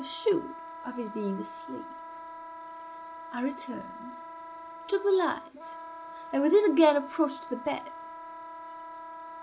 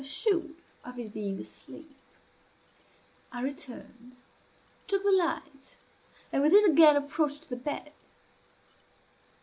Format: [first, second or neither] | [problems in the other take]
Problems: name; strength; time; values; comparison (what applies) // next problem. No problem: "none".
second | background sound (Wind instrument, woodwind instrument); 12 dB below the speech